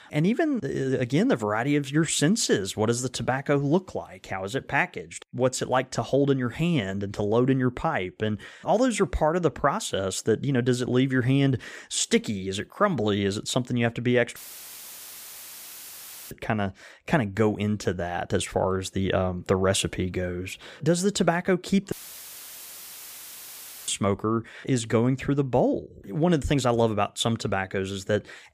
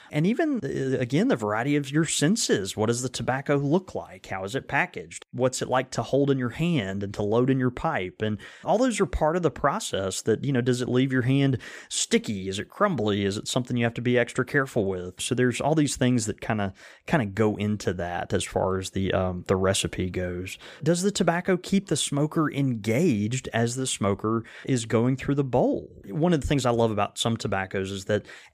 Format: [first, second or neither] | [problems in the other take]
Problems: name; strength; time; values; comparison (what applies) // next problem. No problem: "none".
second | audio cutting out; filled with static; at 14 s for 2 s and at 22 s for 2 s